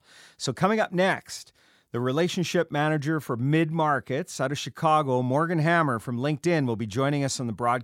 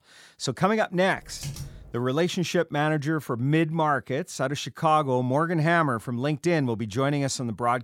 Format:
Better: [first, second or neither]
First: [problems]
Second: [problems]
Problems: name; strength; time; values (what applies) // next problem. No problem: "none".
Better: first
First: none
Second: keyboard typing; faint; at 1 s; peak 10 dB below the speech